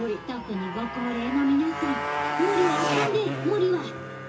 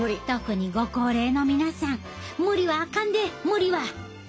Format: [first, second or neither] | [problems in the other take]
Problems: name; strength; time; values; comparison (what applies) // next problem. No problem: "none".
second | background sound (Motorcycle); 3 dB below the speech // room echo; dies away in 0.2 s